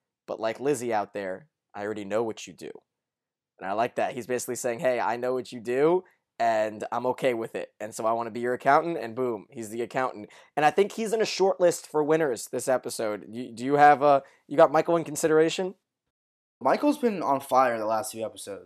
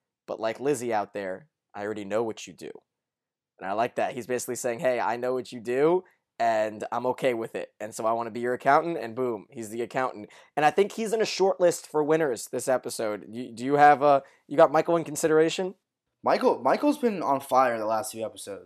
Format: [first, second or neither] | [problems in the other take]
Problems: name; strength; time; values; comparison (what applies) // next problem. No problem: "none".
second | audio cutting out; at 16 s for 0.5 s